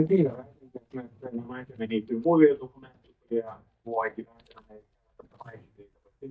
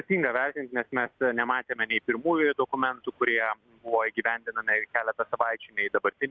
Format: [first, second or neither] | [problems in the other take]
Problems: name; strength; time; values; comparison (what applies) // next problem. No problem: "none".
second | noise reduction (neural mask model DeepFilterNet 3)